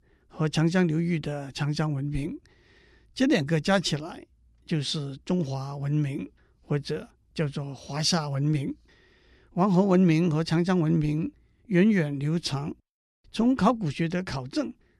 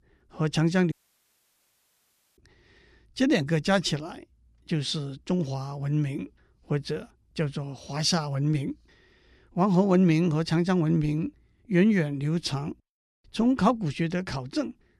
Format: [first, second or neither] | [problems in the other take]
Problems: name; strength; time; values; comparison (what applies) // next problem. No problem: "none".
first | audio cutting out; at 1 s for 1.5 s